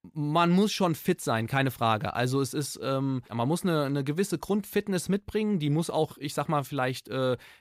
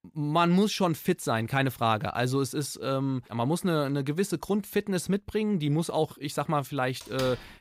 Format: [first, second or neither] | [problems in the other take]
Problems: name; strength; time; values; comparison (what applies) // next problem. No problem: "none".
first | door banging; faint; at 7 s; peak 10 dB below the speech